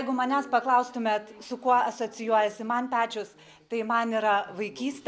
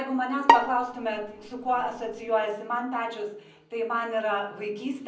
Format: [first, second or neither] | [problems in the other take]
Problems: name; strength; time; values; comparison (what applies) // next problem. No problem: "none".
first | background sound (Bowed string instrument); 2 dB above the speech // room echo; dies away in 0.6 s